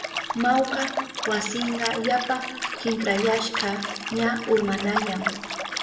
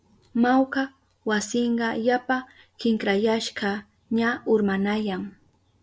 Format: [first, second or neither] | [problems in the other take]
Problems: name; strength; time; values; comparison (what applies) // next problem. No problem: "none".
second | background sound (Liquid); 5 dB below the speech // room echo; dies away in 1.6 s